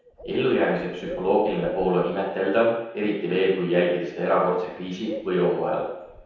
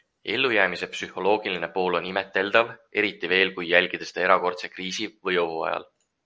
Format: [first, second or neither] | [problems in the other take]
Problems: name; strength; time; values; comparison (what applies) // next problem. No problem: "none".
second | background sound (Bird); 15 dB below the speech // room echo; dies away in 0.9 s